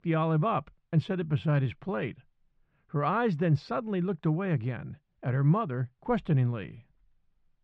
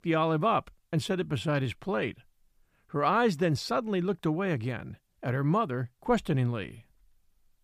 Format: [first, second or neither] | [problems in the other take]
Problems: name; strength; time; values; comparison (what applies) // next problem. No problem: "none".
second | muffled; slightly; fading above 3 kHz